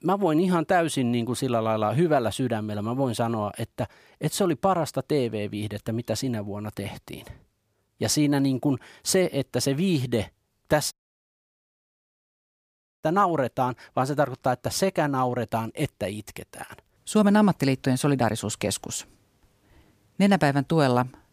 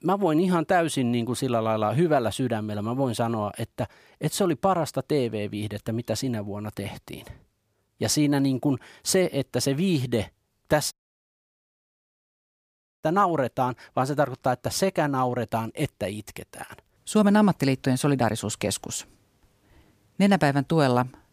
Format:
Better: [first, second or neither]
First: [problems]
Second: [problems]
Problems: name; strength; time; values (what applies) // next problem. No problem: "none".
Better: neither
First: audio cutting out; at 11 s for 2 s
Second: audio cutting out; at 11 s for 2 s